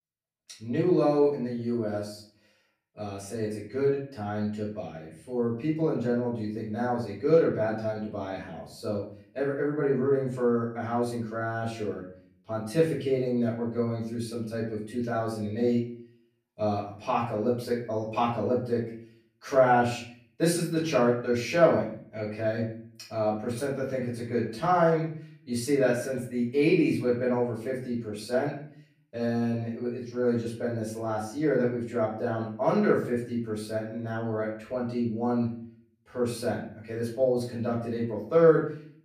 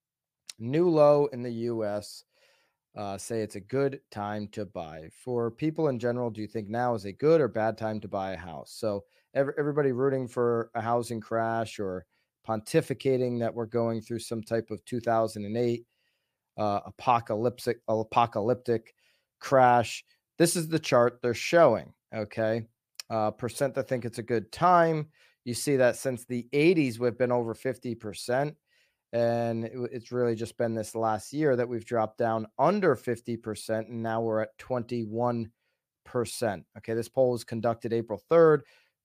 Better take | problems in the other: second | off-mic speech; far // room echo; noticeable; dies away in 0.5 s

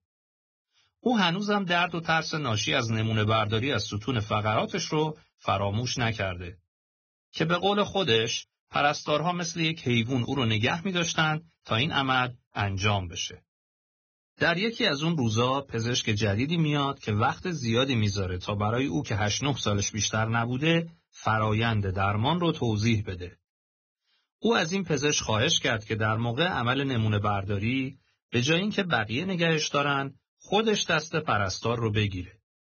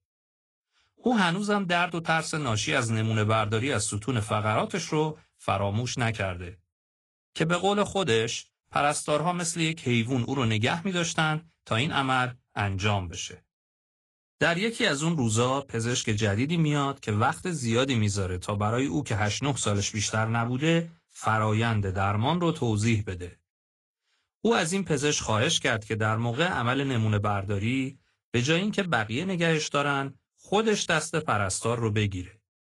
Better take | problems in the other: second | garbled, watery; badly; nothing above 6.5 kHz; slightly in the second

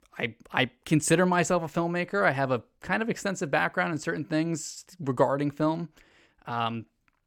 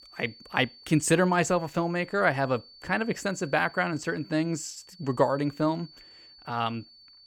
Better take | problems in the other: first | high-pitched whine; faint; throughout; 4.5 kHz, 20 dB below the speech

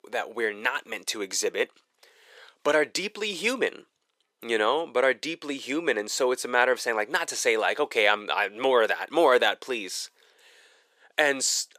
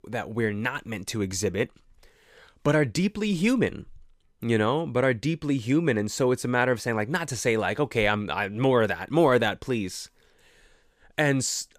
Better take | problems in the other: second | thin; very; fading below 400 Hz

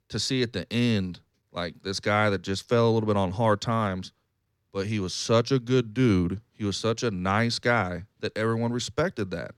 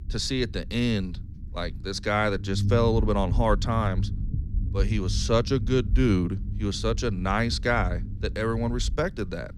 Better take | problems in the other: first | low rumble; noticeable; throughout; 20 dB below the speech

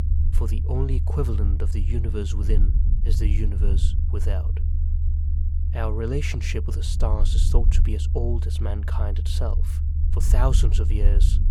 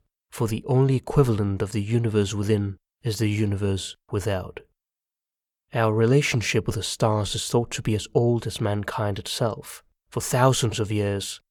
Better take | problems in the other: second | low rumble; loud; throughout; 8 dB below the speech

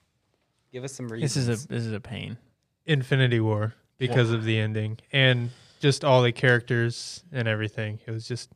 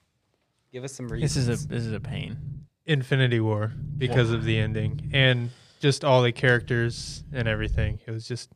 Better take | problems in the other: first | low rumble; faint; from 1 to 2.5 s, from 3.5 to 5 s and from 6.5 to 8 s; 20 dB below the speech

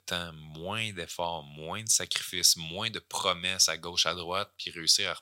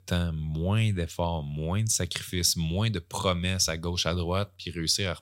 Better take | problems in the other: second | thin; somewhat; fading below 800 Hz

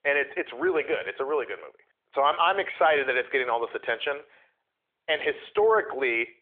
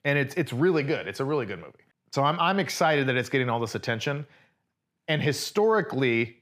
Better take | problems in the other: second | phone-call audio; nothing above 3.5 kHz

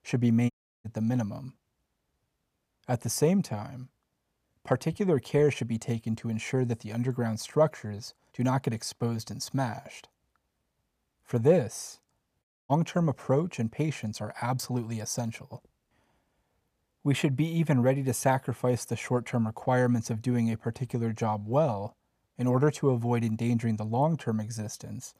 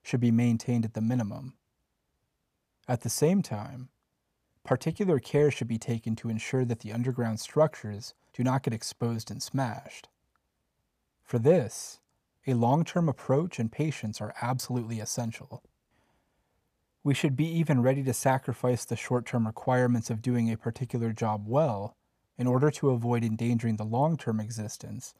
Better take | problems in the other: second | audio cutting out; at 0.5 s and at 12 s

